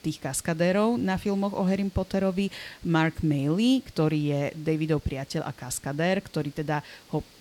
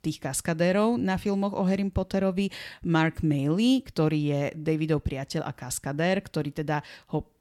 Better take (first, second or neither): second